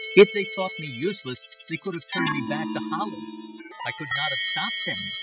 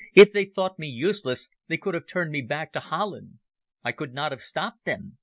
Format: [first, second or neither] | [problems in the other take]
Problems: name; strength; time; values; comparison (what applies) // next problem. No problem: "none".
second | noise reduction (classical method spectral subtraction)